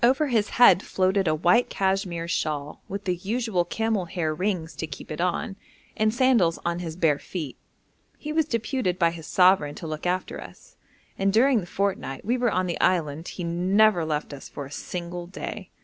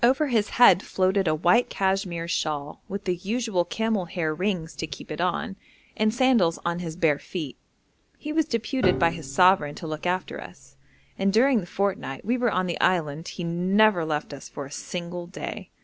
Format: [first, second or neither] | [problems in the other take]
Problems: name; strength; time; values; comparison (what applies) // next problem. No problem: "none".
first | background sound (Piano); 10 dB below the speech